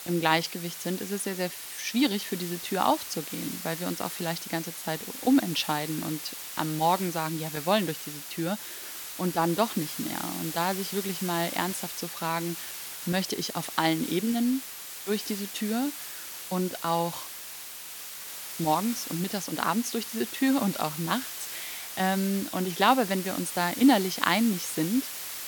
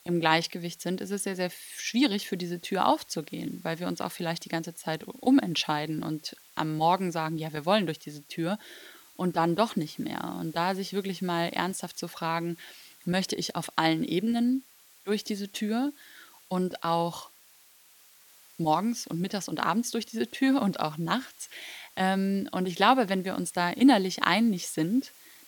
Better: second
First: hiss; loud; throughout; 7 dB below the speech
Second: hiss; faint; throughout; 25 dB below the speech

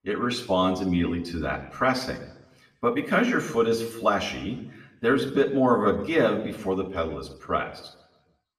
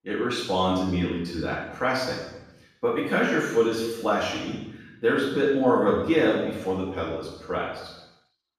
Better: first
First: room echo; slight; dies away in 0.7 s // off-mic speech; somewhat distant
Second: room echo; strong; dies away in 0.9 s // off-mic speech; far

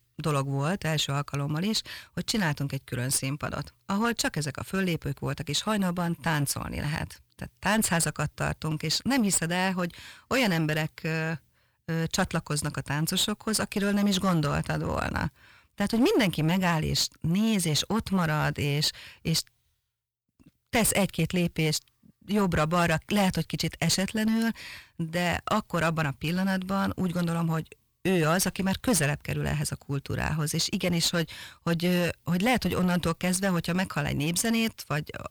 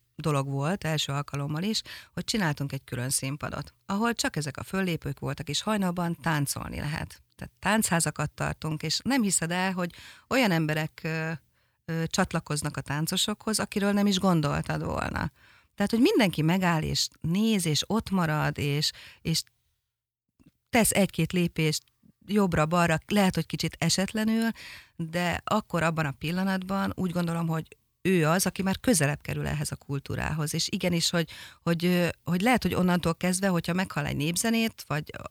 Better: second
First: distortion; slight; 8% of the sound clipped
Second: none

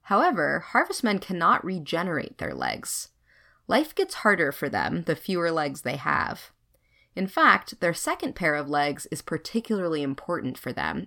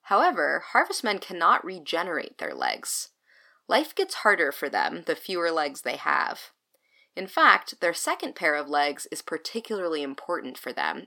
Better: first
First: none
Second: thin; somewhat; fading below 300 Hz

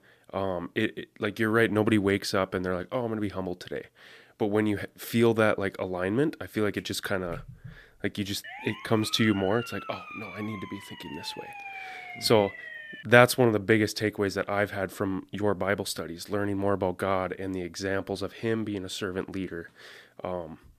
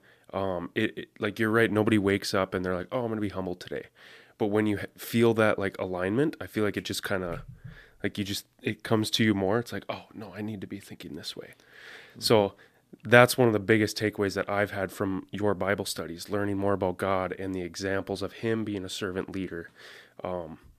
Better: second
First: siren; faint; from 8.5 to 13 s; peak 10 dB below the speech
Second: none

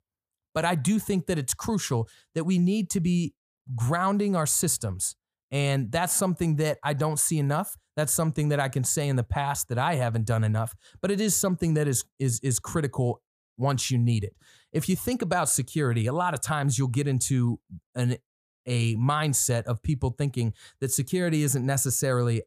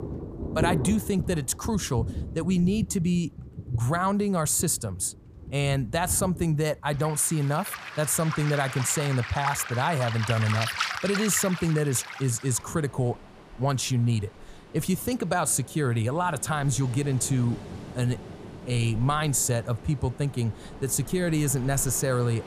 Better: first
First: none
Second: rain or running water; loud; throughout; 10 dB below the speech

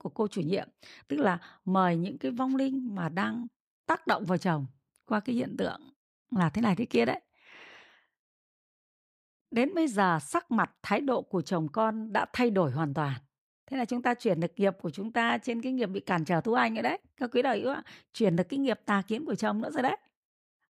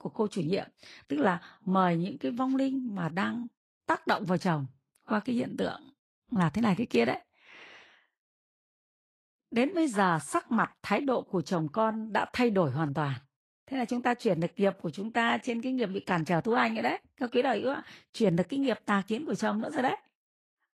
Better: first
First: none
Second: garbled, watery; slightly; nothing above 11.5 kHz

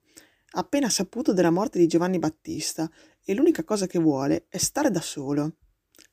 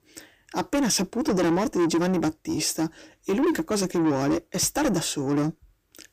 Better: first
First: none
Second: distortion; heavy; 7 dB below the speech

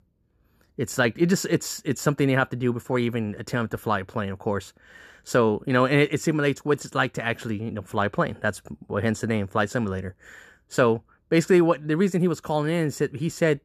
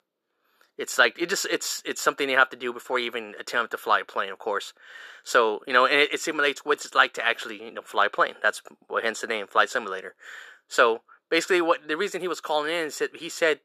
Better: first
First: none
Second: thin; very; fading below 450 Hz

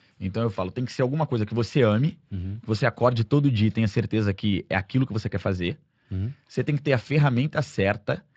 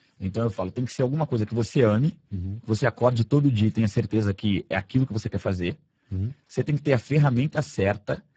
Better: first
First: garbled, watery; slightly; nothing above 7.5 kHz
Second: garbled, watery; badly; nothing above 7.5 kHz

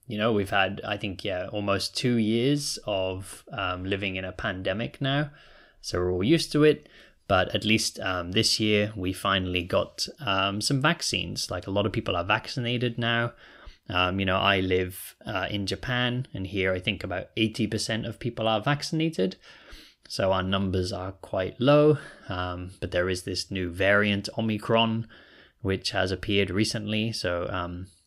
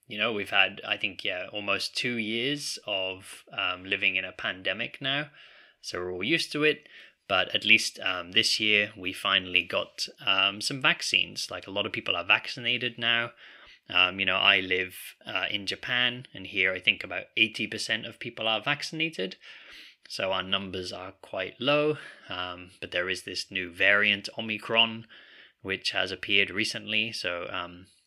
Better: first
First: none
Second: thin; very slightly; fading below 300 Hz

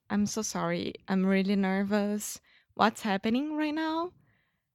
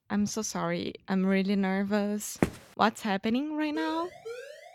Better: first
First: none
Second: footsteps; noticeable; at 2.5 s; peak 2 dB below the speech // siren; faint; from 3.5 s on; peak 10 dB below the speech

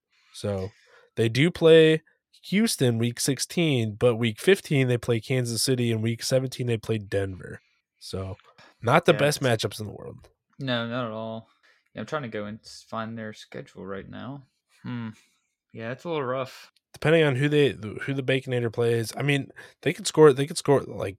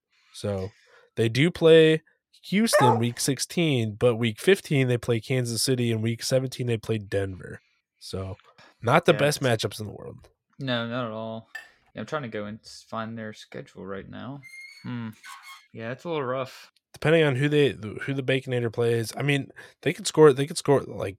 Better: first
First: none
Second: dog barking; loud; at 2.5 s; peak 3 dB above the speech // clattering dishes; faint; at 12 s; peak 20 dB below the speech // door banging; faint; from 14 to 16 s; peak 20 dB below the speech

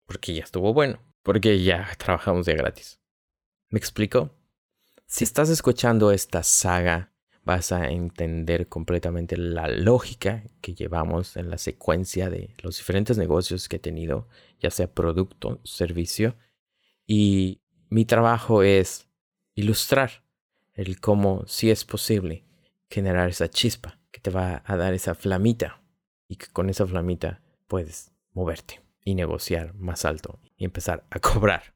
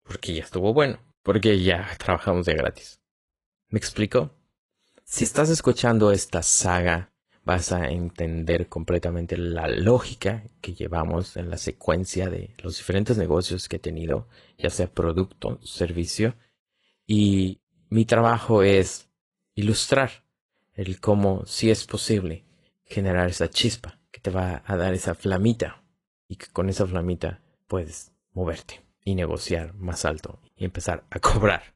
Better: first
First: none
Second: garbled, watery; slightly; nothing above 10.5 kHz

